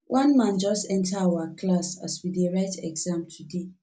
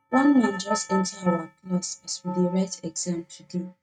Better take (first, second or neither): first